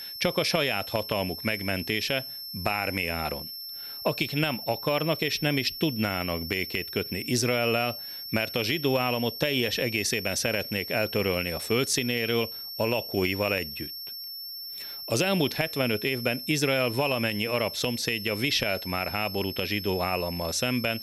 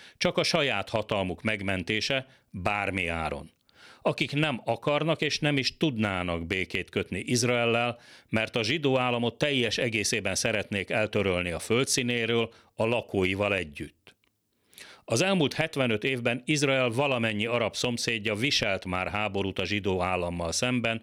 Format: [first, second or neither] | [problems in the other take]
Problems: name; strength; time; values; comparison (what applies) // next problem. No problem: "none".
second | high-pitched whine; loud; throughout; 5.5 kHz, 8 dB below the speech